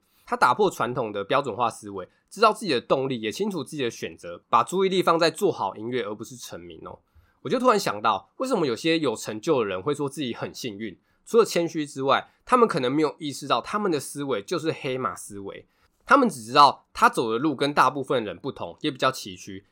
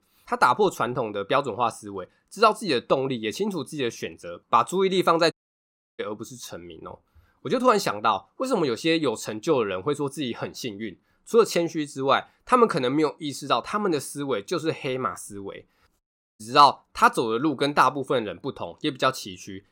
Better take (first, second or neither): first